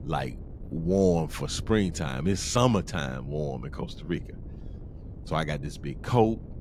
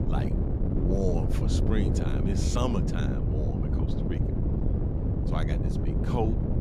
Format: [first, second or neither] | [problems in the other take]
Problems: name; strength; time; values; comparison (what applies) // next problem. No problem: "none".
first | wind noise on the microphone; heavy; 1 dB below the speech; occasional gusts in the first